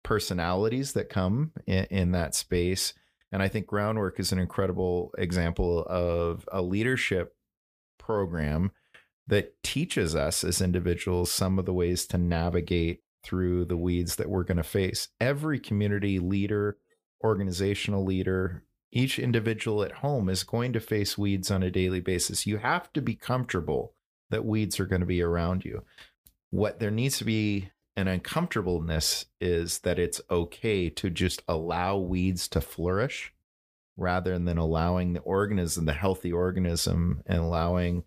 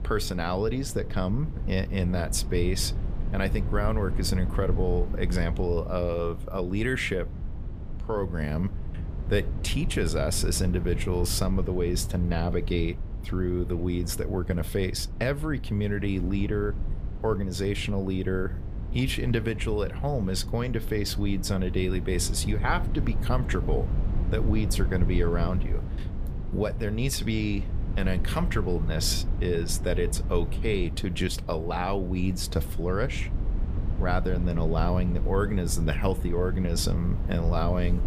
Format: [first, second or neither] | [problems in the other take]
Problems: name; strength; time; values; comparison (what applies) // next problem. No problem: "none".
first | wind noise on the microphone; occasional gusts; 15 dB below the speech